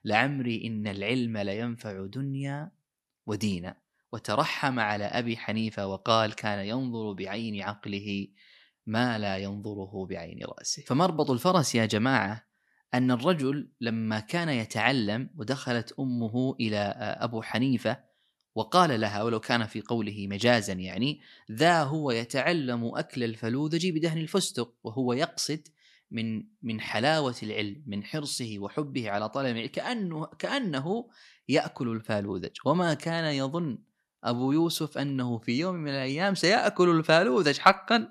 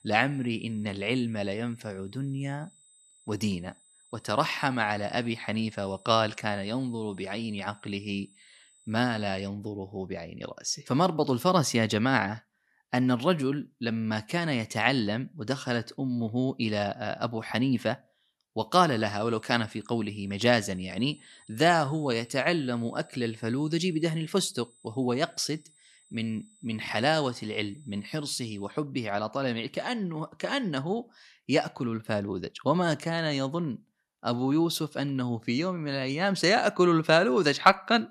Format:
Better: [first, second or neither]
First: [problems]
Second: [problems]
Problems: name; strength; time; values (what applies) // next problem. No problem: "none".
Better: first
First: none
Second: high-pitched whine; faint; until 9.5 s and from 19 to 29 s; 8 kHz, 30 dB below the speech